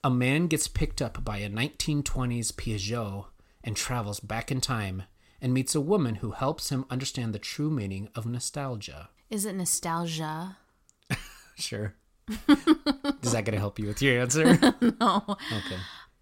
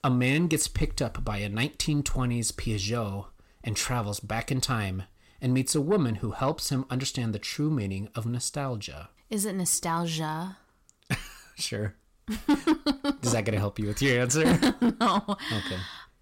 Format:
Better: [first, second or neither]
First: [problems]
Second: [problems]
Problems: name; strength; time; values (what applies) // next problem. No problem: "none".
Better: first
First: none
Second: distortion; slight; 10 dB below the speech